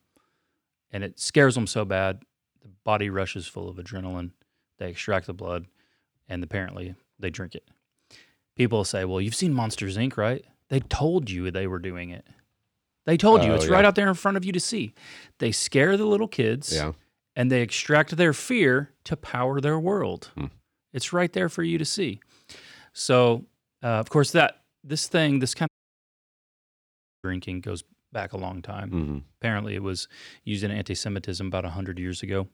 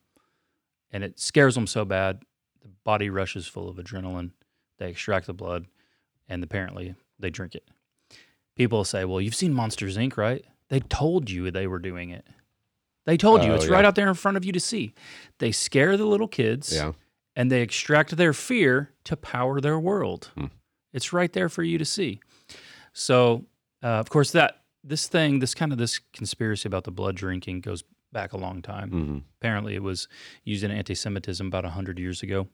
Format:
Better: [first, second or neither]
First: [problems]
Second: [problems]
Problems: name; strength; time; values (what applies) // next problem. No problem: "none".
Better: second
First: audio cutting out; at 26 s for 1.5 s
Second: none